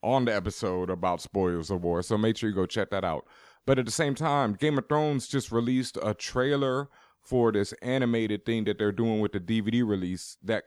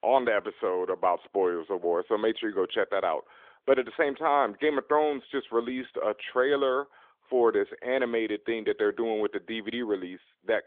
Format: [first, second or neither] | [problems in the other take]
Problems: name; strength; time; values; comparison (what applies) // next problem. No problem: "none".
first | phone-call audio; nothing above 3.5 kHz